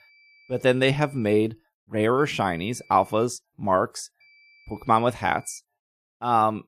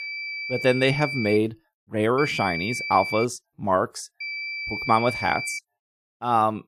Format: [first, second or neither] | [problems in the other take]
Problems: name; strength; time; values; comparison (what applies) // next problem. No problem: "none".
first | high-pitched whine; loud; until 1.5 s, from 2 to 3 s and from 4 to 5.5 s; 2.5 kHz, 5 dB below the speech; faint in the first